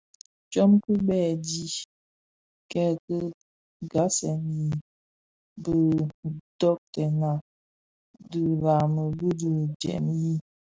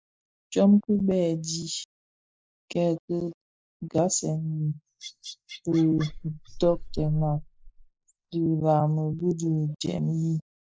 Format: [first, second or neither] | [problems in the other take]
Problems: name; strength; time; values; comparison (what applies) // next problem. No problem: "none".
first | noise reduction (neural mask model Resemble Enhance denoiser)